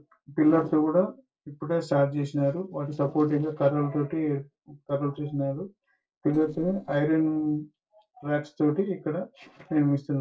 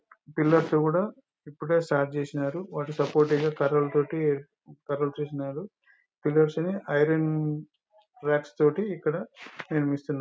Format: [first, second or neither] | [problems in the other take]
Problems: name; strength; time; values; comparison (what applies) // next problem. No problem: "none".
second | noise reduction (neural separator model SepFormer DNS4)